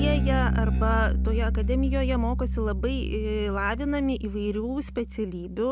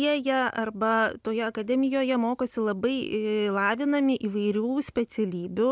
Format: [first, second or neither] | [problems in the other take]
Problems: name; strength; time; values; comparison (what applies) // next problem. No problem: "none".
second | background sound (Bass guitar); 2 dB above the speech